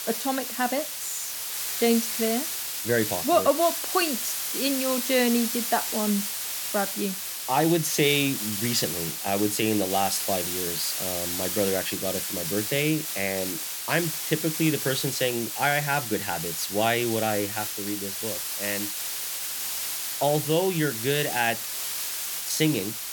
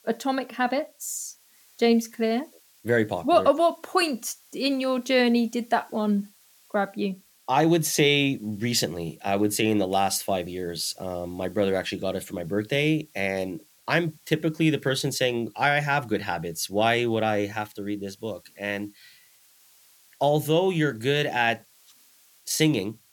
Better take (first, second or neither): second